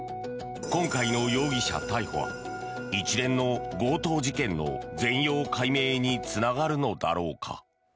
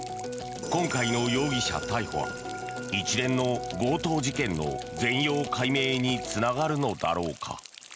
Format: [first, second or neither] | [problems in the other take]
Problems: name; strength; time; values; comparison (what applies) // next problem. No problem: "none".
first | background sound (Rain); 18 dB below the speech